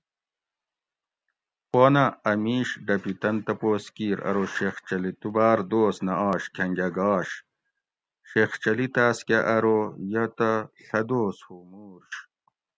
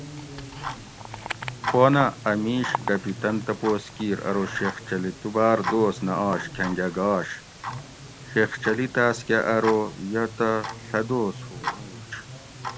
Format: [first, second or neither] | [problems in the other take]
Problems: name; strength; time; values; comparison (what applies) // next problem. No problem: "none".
first | background sound (Tick-tock); 10 dB below the speech